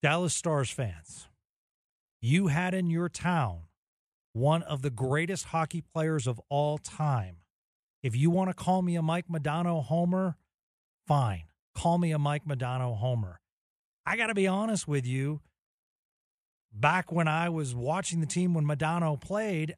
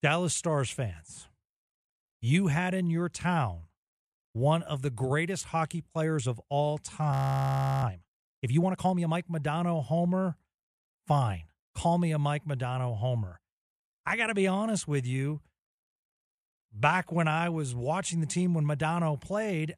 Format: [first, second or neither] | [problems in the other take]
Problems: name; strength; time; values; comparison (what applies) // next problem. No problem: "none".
first | audio freezing; at 7 s for 0.5 s